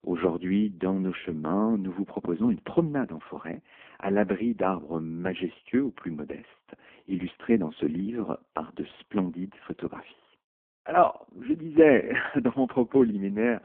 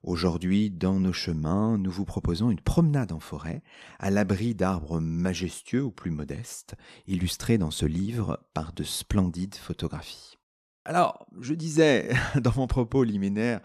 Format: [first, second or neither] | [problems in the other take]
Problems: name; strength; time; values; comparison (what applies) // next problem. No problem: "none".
second | phone-call audio; poor line